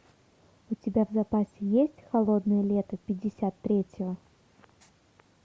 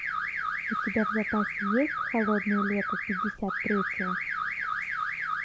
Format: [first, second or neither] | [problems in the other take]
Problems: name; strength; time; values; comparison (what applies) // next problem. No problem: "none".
first | background sound (Alarm / Car); as loud as the speech